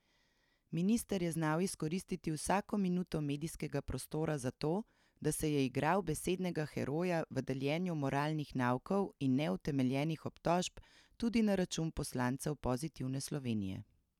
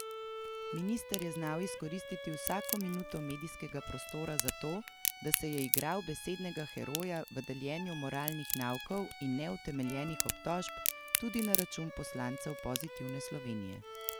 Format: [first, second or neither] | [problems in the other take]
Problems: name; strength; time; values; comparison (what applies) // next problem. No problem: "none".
first | background sound (Bowed string instrument + Crack); 2 dB below the speech